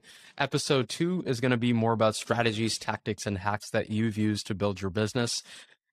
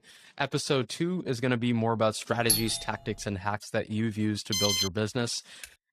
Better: first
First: none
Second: doorbell; loud; at 2.5 s; peak 4 dB above the speech // alarm; loud; at 4.5 s; peak 5 dB above the speech // keyboard typing; faint; at 5.5 s; peak 20 dB below the speech

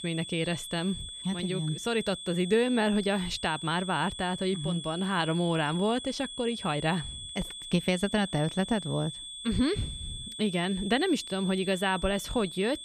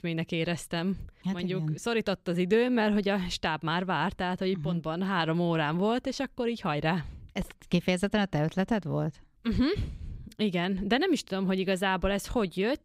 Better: second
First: high-pitched whine; loud; throughout; 3.5 kHz, 9 dB below the speech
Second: none

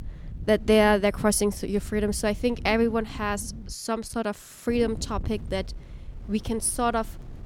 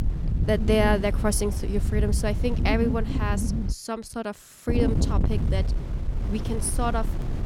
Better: first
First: wind noise on the microphone; occasional gusts; until 3.5 s and from 4.5 s on; 25 dB below the speech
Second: wind noise on the microphone; heavy; until 3.5 s and from 4.5 s on; 9 dB below the speech

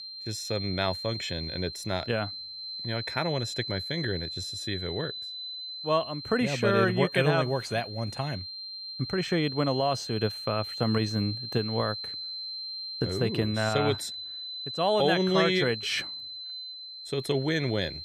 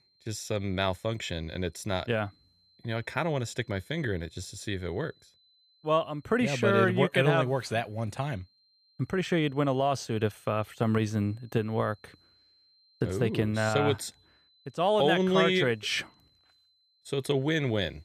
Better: second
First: high-pitched whine; loud; throughout; 4 kHz, 7 dB below the speech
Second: high-pitched whine; faint; throughout; 4 kHz, 35 dB below the speech

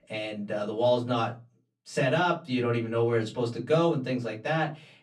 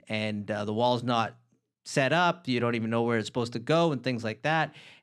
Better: second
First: off-mic speech; far // room echo; very slight; dies away in 0.2 s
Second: none

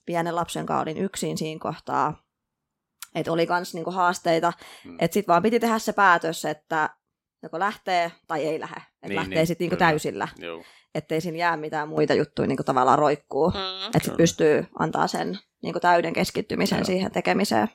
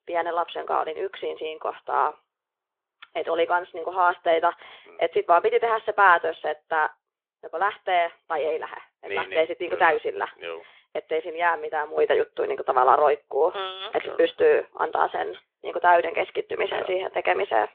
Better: first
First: none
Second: phone-call audio; nothing above 3.5 kHz

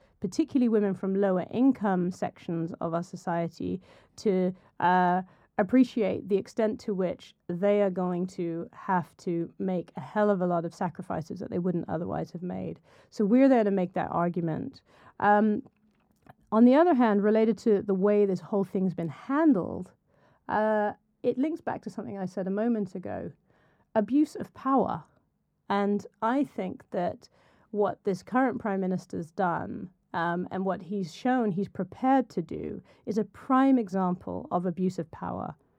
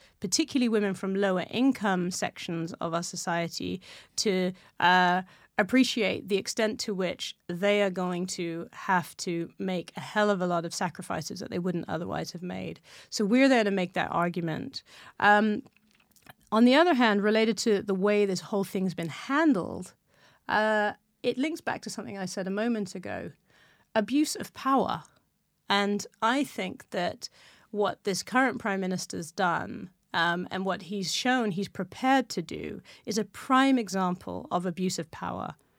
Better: second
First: muffled; very; fading above 1.5 kHz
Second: none

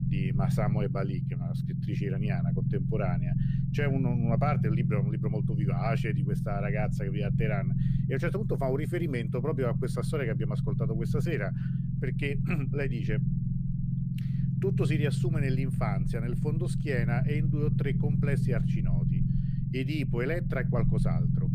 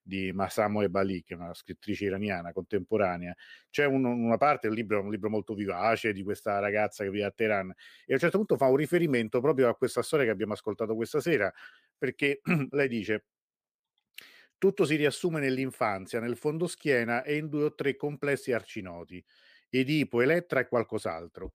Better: second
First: low rumble; loud; throughout; 4 dB below the speech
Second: none

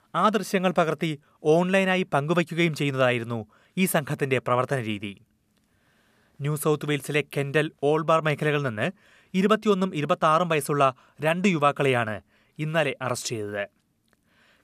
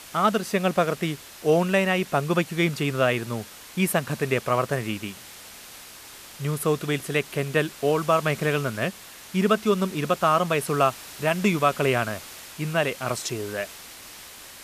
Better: first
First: none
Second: hiss; noticeable; throughout; 15 dB below the speech

